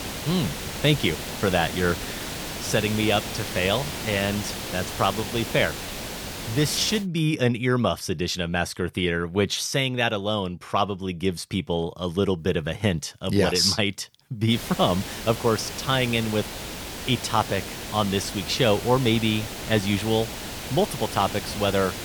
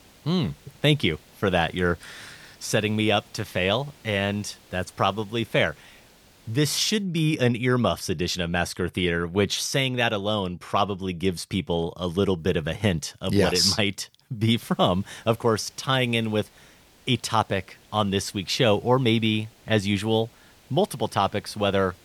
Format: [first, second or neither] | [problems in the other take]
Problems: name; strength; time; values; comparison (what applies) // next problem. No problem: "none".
second | hiss; loud; until 7 s and from 15 s on; 8 dB below the speech; faint in the second